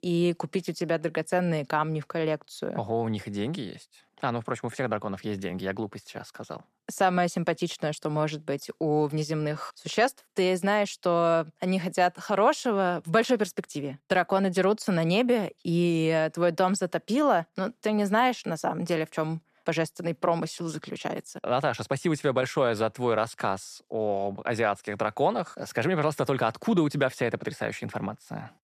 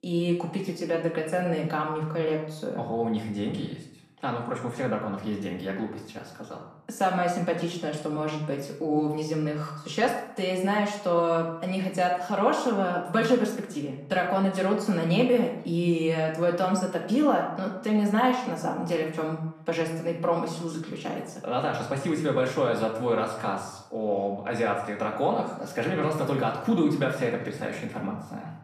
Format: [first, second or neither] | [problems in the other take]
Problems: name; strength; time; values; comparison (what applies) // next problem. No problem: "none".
first | room echo; slight; dies away in 0.6 s // off-mic speech; far